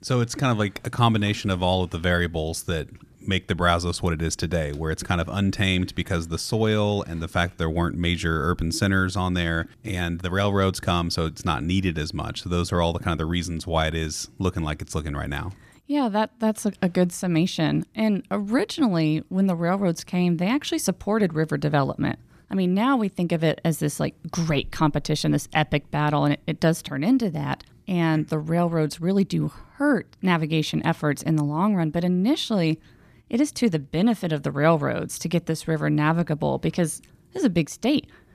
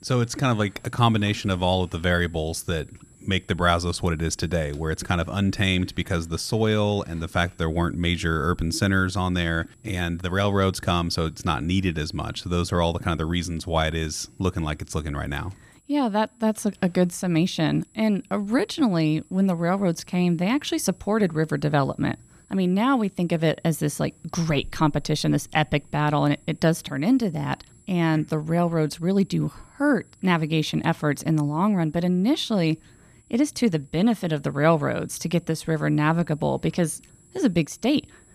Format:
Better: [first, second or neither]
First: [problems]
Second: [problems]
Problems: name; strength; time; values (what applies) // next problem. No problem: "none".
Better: first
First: none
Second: high-pitched whine; faint; throughout; 7.5 kHz, 35 dB below the speech